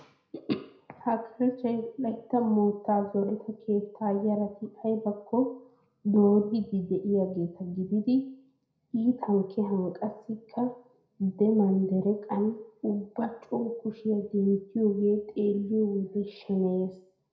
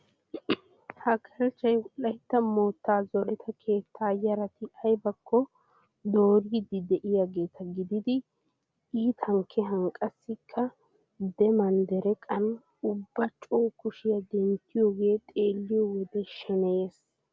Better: second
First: room echo; dies away in 0.5 s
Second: none

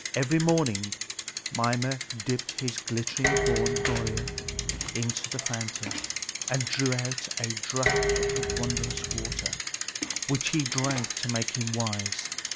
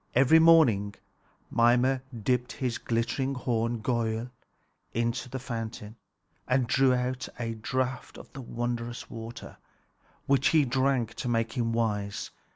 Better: second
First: background sound (Bicycle + Dishes, pots, and pans); as loud as the speech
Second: none

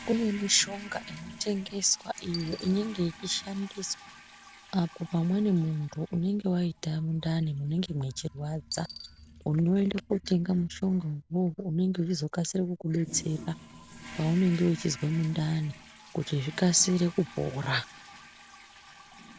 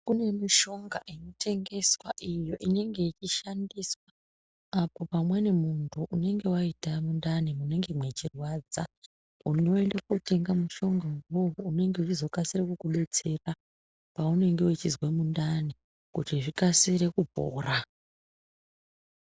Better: second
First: background sound (Toilet flush + Coin (dropping)); 18 dB below the speech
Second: none

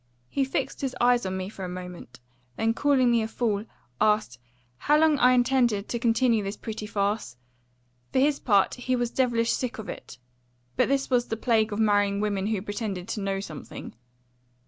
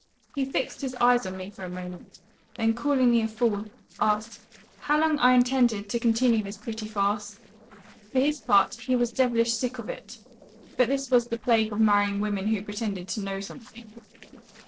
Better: first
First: none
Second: noise reduction (neural separator model SepFormer DNS4)

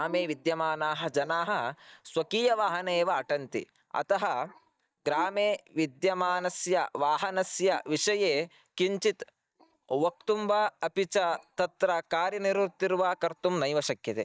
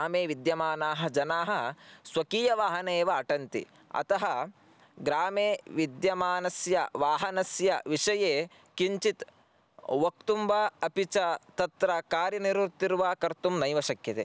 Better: second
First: noise reduction (neural mask model DeepFilterNet 3)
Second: none

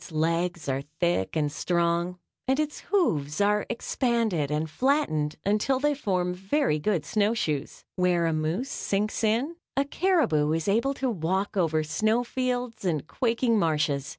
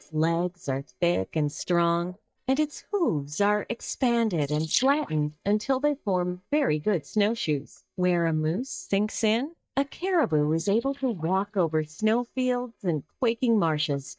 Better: first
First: none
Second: noise reduction (neural mask model DeepFilterNet 3)

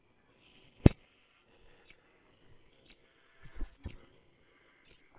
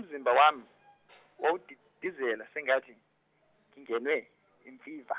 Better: second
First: noise reduction (neural separator model SepFormer WHAMR!)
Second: none

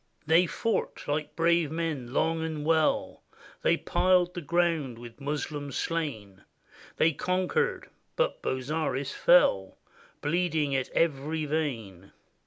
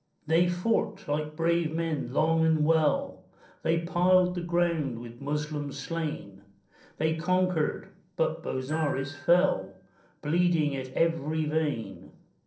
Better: first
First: none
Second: noise reduction (neural separator model SepFormer DNS4)

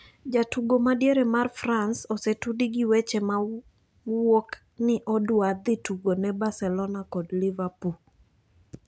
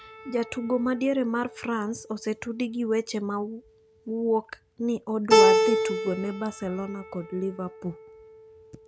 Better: first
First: none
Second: background sound (Keyboard (musical)); 1 dB above the speech

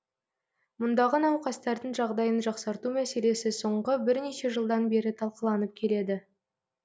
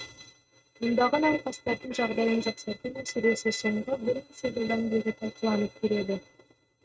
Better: first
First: none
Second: noise reduction (neural mask model RNNoise)

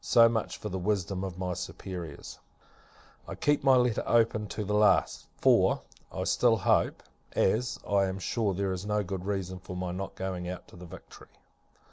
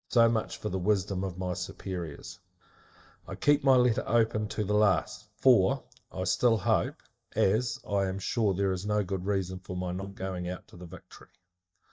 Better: first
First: none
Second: noise reduction (neural mask model DeepFilterNet 3)

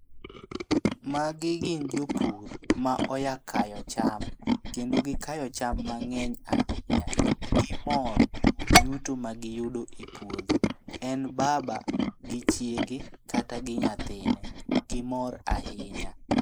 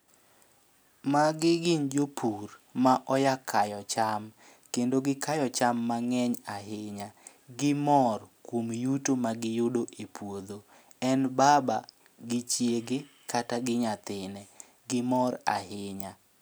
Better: second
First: noise reduction (neural mask model Resemble Enhance denoiser)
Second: none

